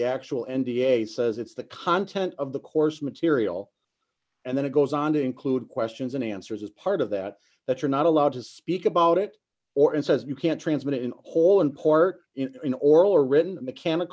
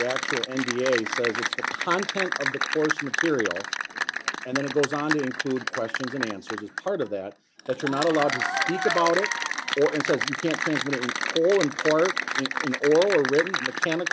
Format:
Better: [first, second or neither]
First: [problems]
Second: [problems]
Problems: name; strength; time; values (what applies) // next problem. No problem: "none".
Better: first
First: none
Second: background sound (Applause / Cheering); 3 dB below the speech